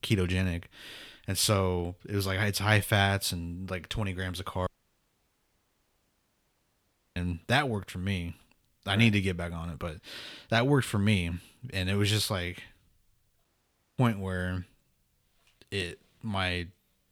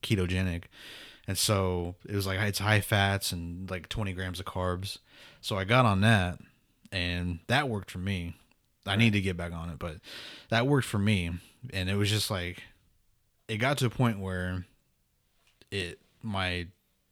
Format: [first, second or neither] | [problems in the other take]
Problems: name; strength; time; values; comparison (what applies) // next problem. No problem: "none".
second | audio cutting out; at 4.5 s for 2.5 s and at 13 s for 0.5 s